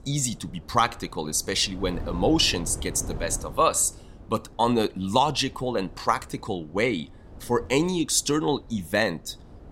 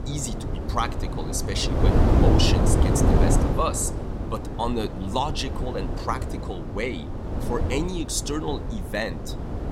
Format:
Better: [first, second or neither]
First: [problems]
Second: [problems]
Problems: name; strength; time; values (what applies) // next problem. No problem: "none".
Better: first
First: wind noise on the microphone; occasional gusts; 25 dB below the speech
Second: wind noise on the microphone; heavy; 2 dB below the speech